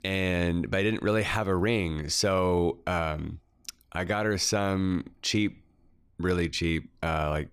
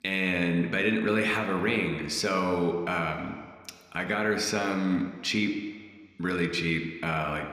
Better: first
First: none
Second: room echo; slight; dies away in 1.5 s

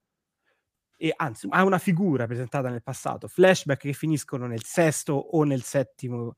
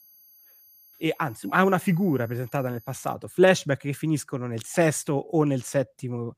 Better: first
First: none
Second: high-pitched whine; faint; until 3 s; 11.5 kHz, 25 dB below the speech

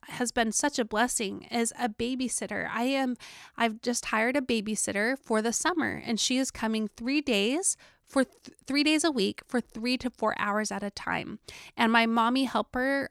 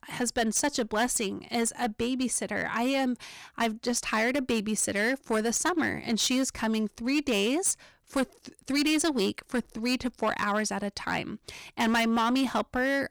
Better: first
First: none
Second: distortion; slight; 8% of the sound clipped

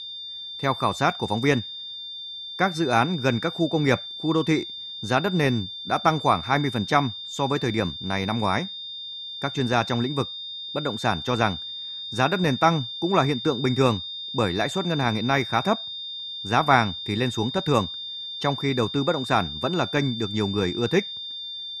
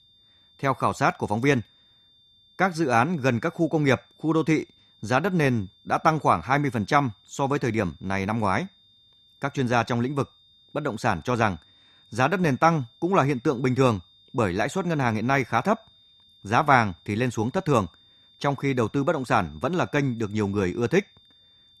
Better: second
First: high-pitched whine; loud; throughout; 3.5 kHz, 8 dB below the speech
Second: high-pitched whine; faint; throughout; 3.5 kHz, 30 dB below the speech

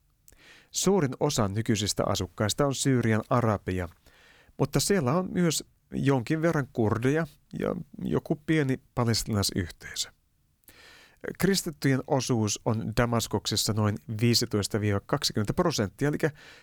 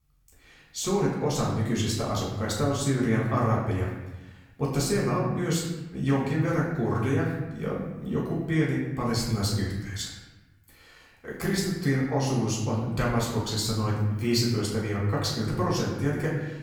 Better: first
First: none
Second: off-mic speech; far // room echo; noticeable; dies away in 1 s

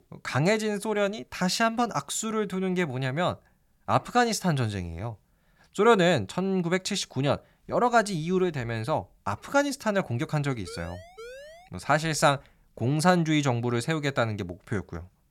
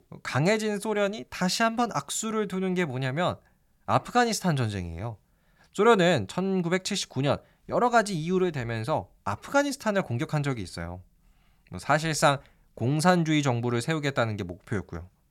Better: second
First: siren; faint; from 11 to 12 s; peak 15 dB below the speech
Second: none

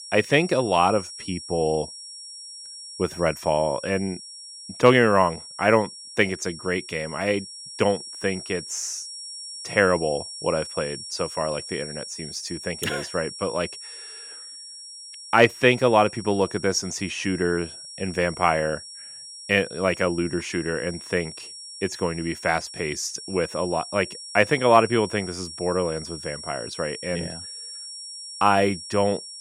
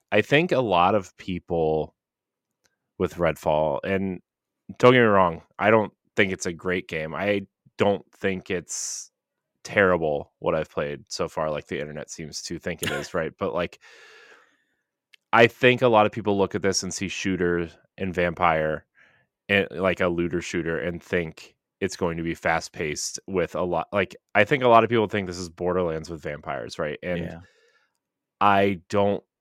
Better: second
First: high-pitched whine; noticeable; throughout; 5.5 kHz, 10 dB below the speech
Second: none

